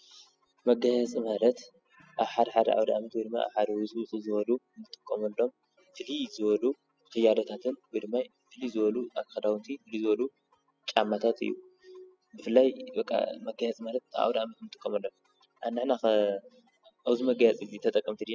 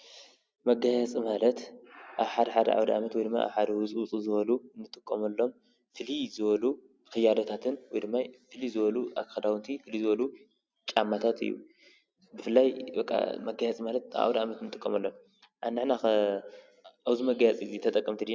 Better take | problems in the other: second | noise reduction (classical method spectral subtraction)

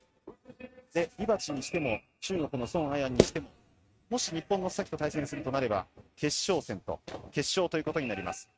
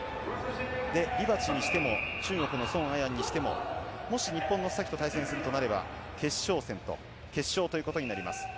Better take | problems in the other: second | noise reduction (neural mask model RNNoise)

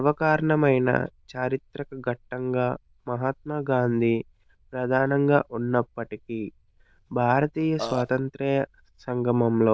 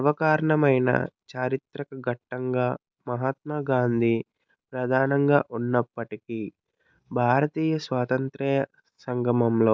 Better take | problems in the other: second | noise reduction (neural diffusion model UNIVERSE++)

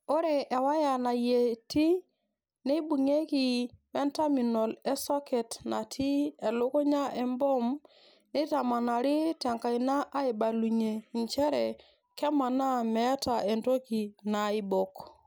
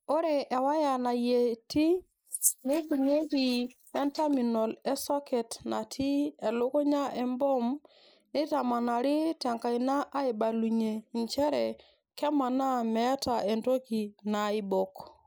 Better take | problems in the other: first | noise reduction (neural mask model Resemble Enhance denoiser)

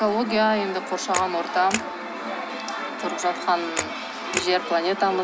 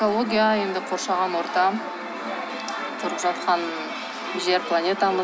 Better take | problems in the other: second | background sound (Camera); 11 dB below the speech

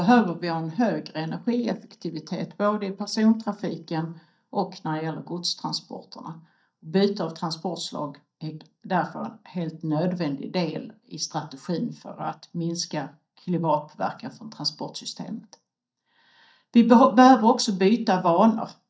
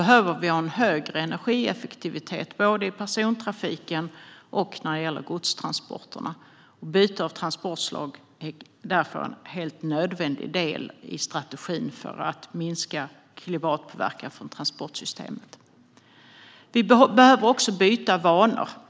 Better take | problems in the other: second | noise reduction (neural mask model DeepFilterNet 3)

